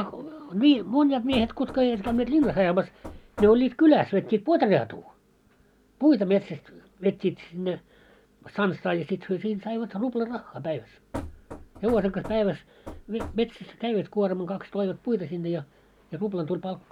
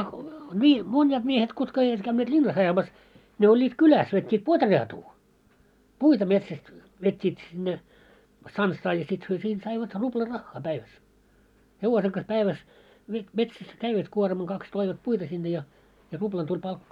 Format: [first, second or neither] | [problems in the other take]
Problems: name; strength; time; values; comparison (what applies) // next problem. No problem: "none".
second | background sound (Knock / Wood); 14 dB below the speech